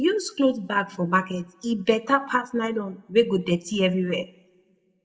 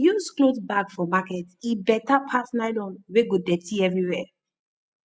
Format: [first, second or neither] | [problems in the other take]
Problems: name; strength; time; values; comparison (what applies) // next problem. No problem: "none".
second | room echo; dies away in 0.9 s